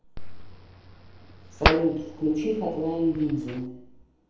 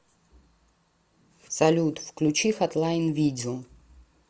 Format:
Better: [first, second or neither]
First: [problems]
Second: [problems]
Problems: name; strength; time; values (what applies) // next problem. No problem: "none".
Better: second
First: background sound (Hands); 2 dB below the speech // room echo; dies away in 2 s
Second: none